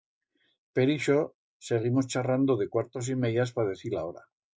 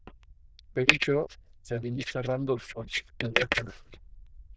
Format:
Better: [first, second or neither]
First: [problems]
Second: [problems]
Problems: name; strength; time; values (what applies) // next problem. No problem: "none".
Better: first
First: none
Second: noise reduction (neural diffusion model UNIVERSE++)